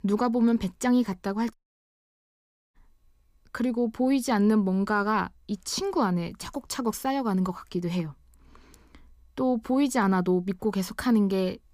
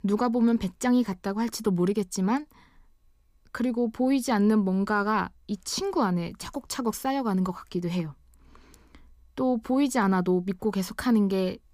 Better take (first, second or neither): second